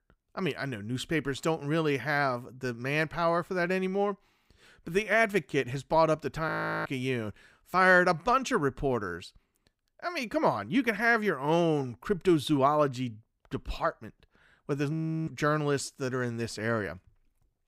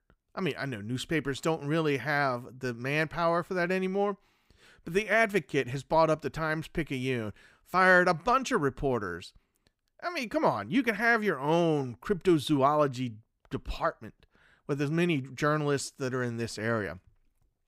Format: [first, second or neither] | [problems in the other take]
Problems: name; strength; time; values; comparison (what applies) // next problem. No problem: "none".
second | audio freezing; at 6.5 s and at 15 s